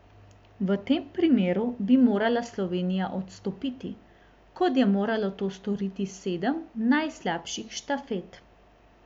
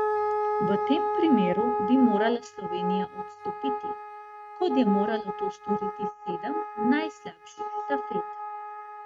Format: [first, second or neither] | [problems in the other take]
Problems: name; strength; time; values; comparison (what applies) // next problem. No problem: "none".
first | noise reduction (neural mask model RNNoise)